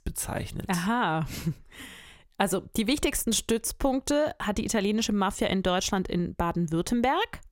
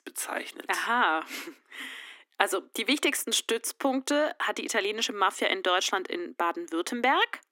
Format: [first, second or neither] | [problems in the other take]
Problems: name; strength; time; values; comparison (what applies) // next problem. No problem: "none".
first | thin; somewhat; fading below 250 Hz